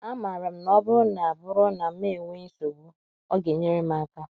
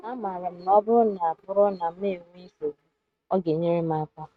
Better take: first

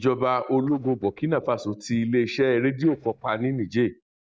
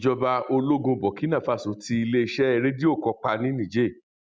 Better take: second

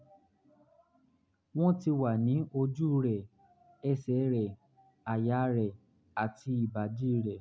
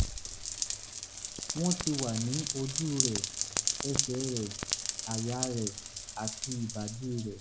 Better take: first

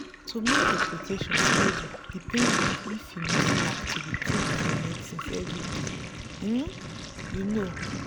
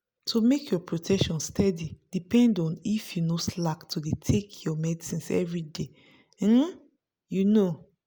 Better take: second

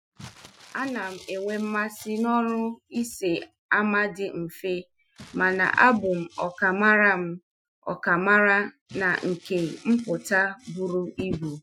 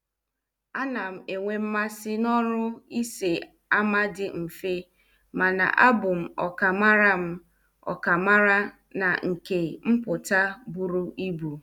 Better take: second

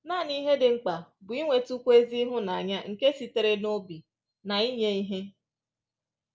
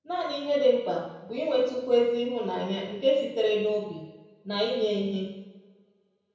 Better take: first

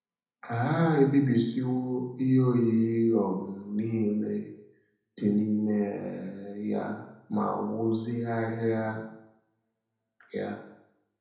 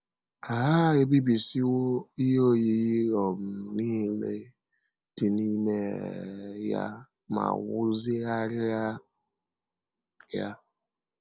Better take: second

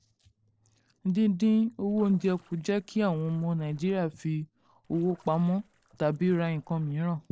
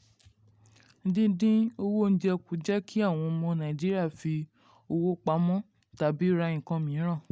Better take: second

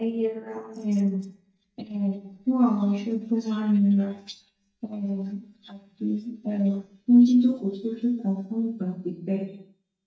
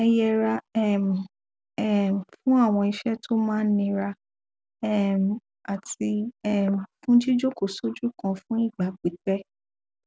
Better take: second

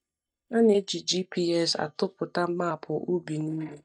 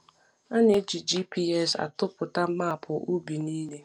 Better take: second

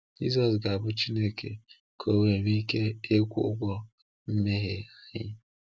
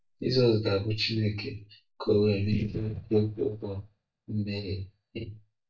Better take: first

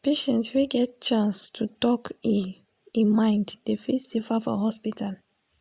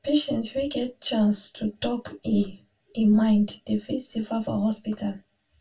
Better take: first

